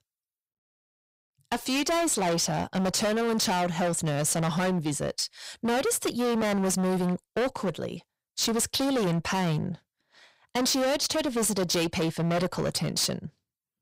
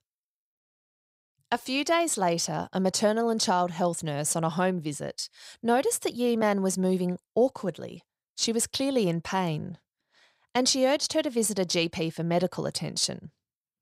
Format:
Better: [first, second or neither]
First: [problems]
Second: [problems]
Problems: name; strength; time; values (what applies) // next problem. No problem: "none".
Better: second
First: distortion; heavy; 23% of the sound clipped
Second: none